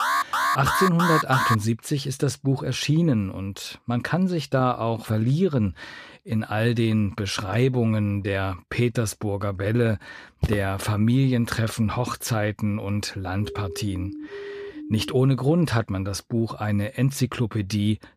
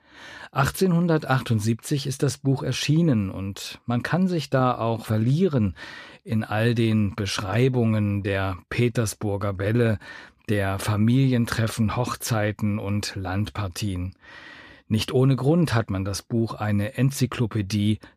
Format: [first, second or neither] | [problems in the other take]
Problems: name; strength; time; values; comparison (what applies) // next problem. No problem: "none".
second | alarm; loud; until 1.5 s; peak 2 dB above the speech // footsteps; noticeable; at 10 s; peak 5 dB below the speech // siren; faint; from 13 to 15 s; peak 10 dB below the speech